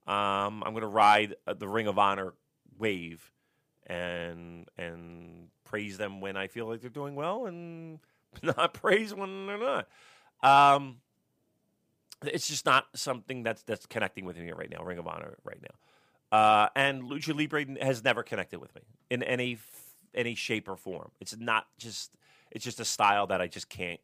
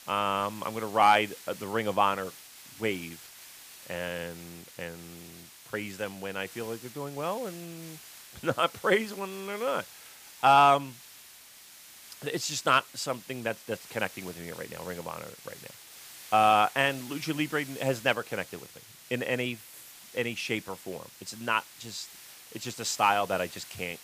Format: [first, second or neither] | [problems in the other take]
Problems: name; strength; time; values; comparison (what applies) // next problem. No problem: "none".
first | hiss; noticeable; throughout; 20 dB below the speech